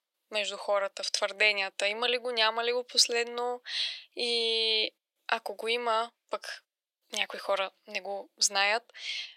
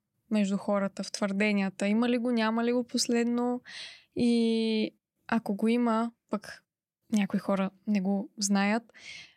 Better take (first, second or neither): second